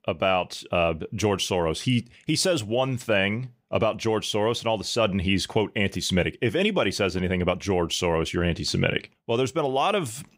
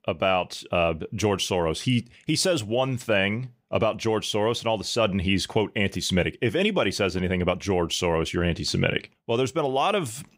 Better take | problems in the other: neither | none

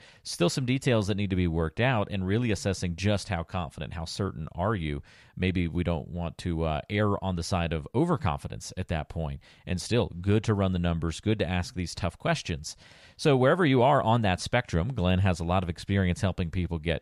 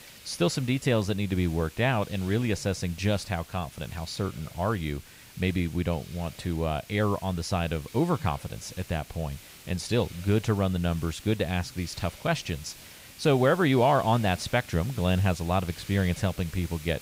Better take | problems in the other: first | hiss; noticeable; throughout; 20 dB below the speech

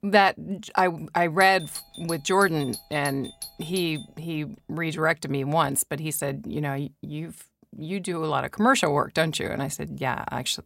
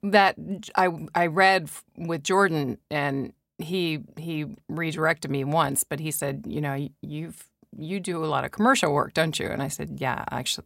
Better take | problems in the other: second | doorbell; faint; from 1.5 to 4 s; peak 10 dB below the speech

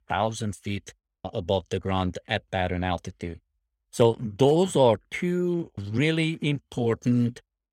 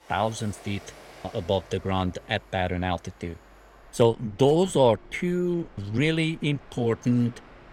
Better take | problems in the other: first | train or aircraft noise; faint; throughout; 25 dB below the speech

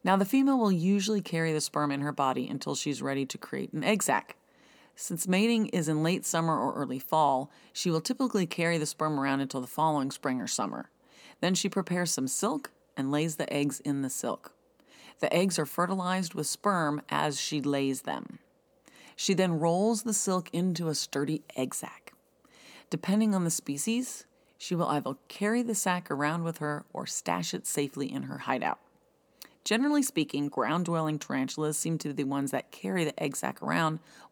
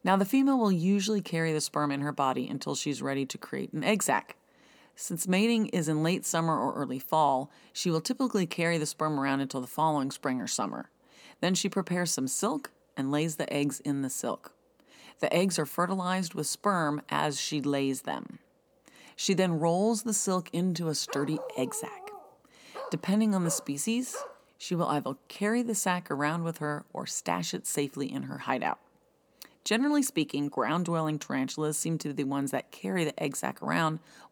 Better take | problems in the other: first | dog barking; faint; from 21 to 24 s; peak 10 dB below the speech

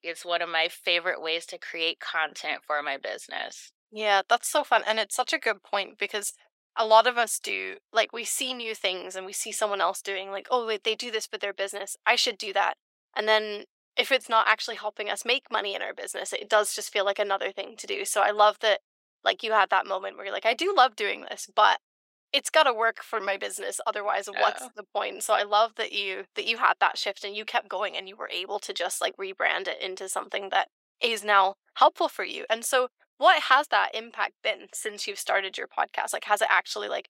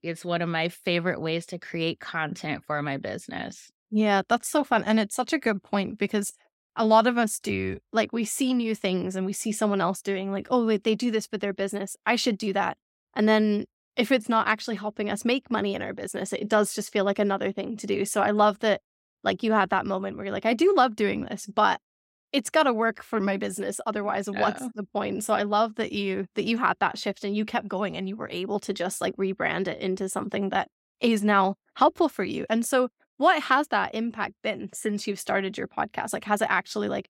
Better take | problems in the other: second | thin; very; fading below 550 Hz

